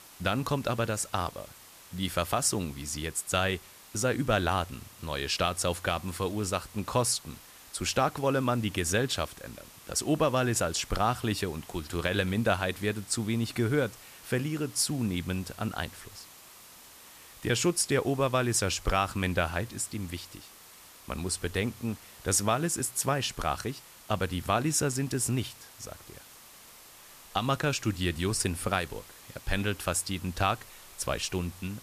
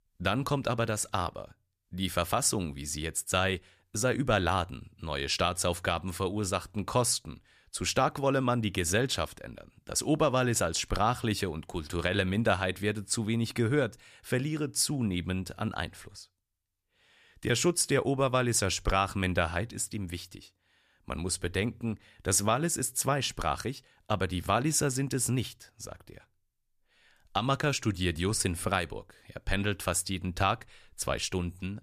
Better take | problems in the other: second | hiss; noticeable; throughout; 20 dB below the speech

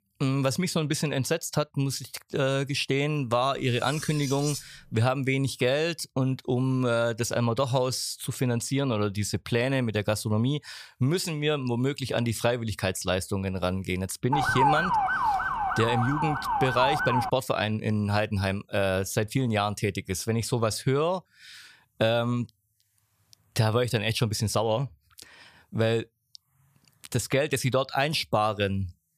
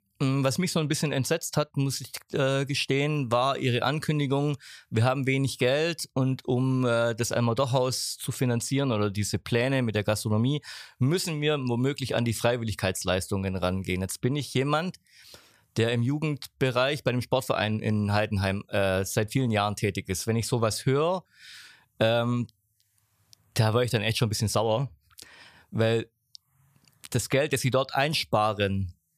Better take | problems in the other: second | clattering dishes; noticeable; from 3.5 to 5 s; peak 7 dB below the speech // siren; loud; from 14 to 17 s; peak 4 dB above the speech

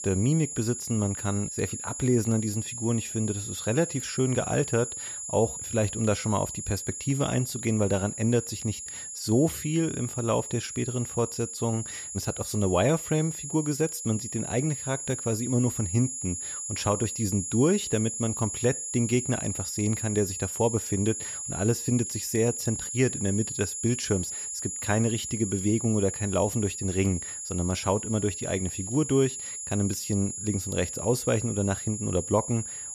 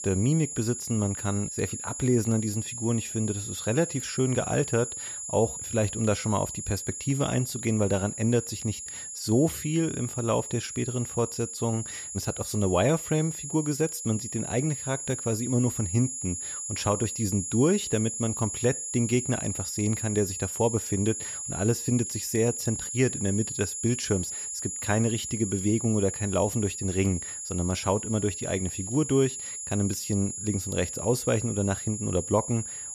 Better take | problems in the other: neither | high-pitched whine; loud; throughout; 7 kHz, 5 dB below the speech; the same in both

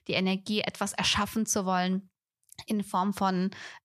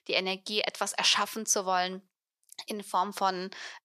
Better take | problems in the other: first | thin; somewhat; fading below 450 Hz

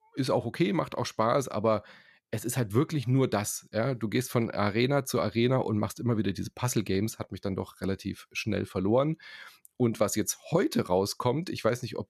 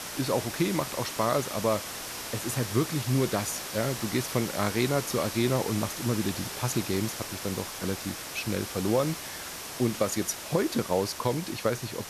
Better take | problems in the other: first | hiss; loud; throughout; 6 dB below the speech

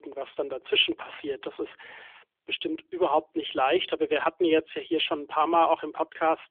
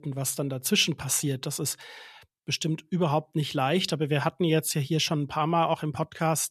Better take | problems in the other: second | phone-call audio; nothing above 3.5 kHz

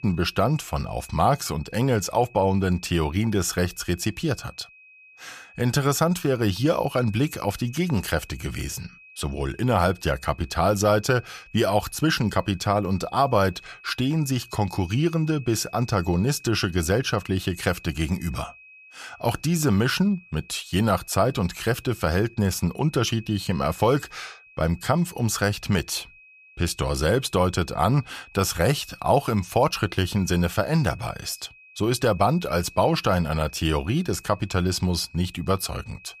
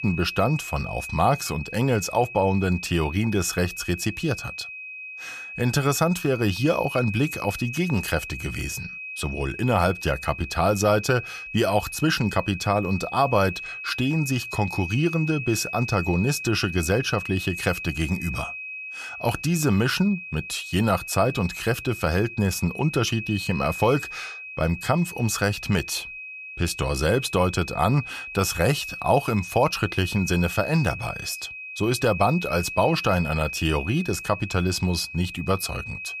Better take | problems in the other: first | high-pitched whine; loud; throughout; 2.5 kHz, 9 dB below the speech; faint in the first

